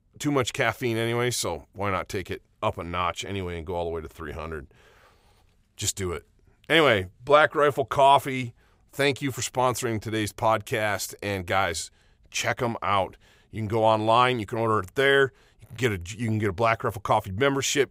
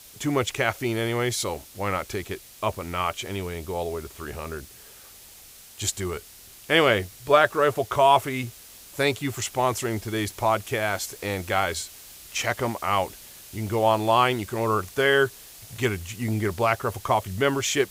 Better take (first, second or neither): first